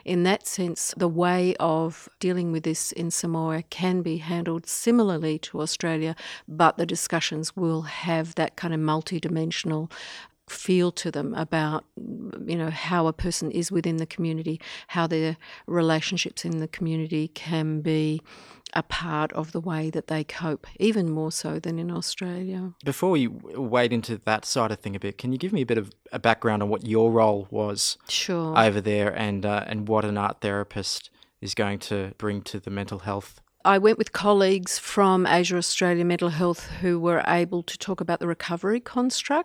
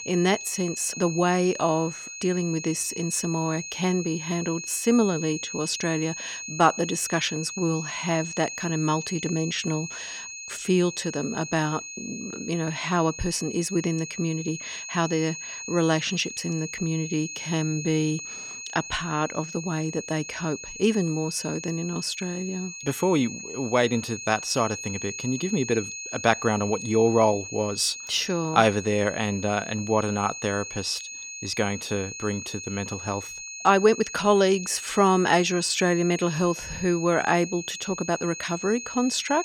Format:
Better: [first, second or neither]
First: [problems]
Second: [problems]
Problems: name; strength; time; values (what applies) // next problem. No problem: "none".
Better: first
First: none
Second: high-pitched whine; loud; throughout; 6.5 kHz, 9 dB below the speech